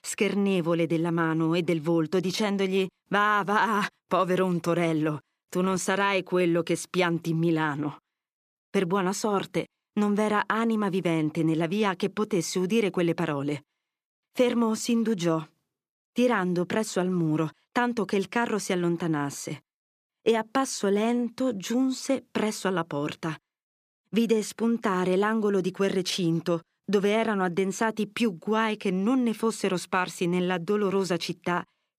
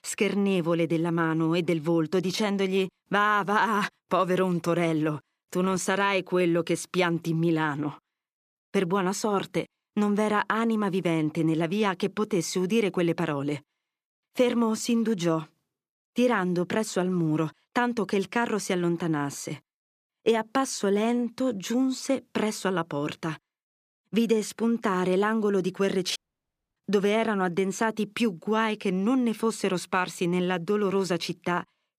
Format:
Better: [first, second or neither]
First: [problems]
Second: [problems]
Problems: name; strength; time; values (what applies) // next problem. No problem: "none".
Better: first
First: none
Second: audio cutting out; at 26 s for 0.5 s